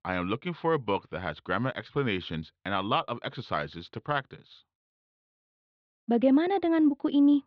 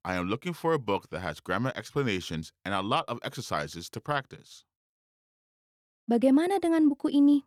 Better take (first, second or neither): second